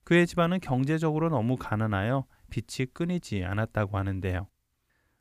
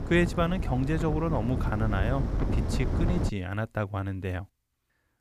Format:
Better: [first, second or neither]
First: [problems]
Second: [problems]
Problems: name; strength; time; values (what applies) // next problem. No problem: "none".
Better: first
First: none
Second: wind noise on the microphone; heavy; until 3.5 s; 6 dB below the speech